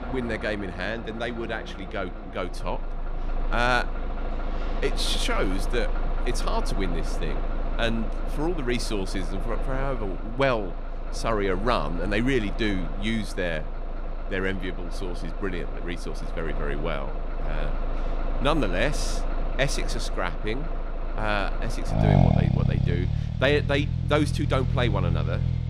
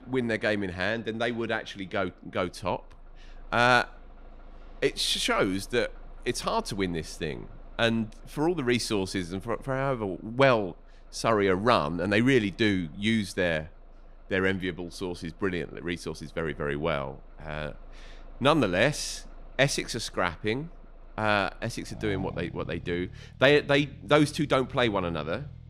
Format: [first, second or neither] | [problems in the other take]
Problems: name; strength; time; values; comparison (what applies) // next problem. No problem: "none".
second | traffic noise; loud; throughout; 2 dB below the speech; faint in the second